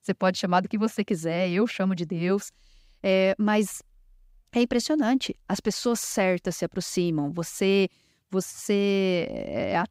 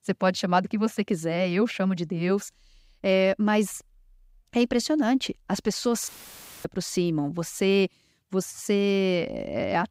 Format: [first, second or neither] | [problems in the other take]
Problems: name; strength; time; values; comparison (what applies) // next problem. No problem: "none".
first | audio cutting out; filled with static; at 6 s for 0.5 s